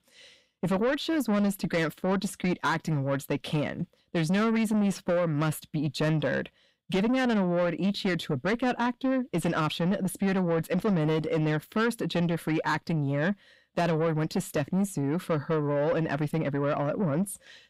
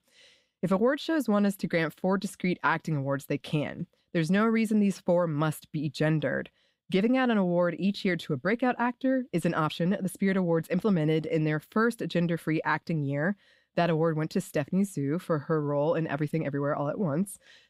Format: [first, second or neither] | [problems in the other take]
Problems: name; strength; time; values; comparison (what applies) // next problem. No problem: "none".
second | distortion; slight; 10 dB below the speech